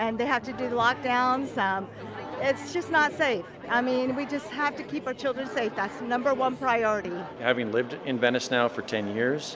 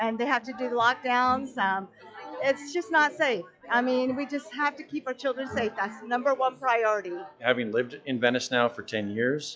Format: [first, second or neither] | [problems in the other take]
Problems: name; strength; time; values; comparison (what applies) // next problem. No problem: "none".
first | noise reduction (classical method log-MMSE)